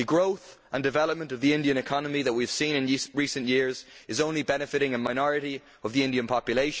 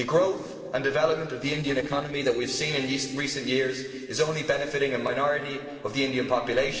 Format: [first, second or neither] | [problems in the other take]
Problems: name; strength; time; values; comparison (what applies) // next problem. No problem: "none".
first | noise reduction (neural separator model SepFormer DNS4)